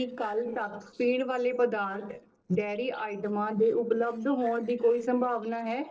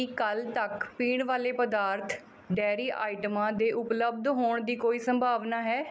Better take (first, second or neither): second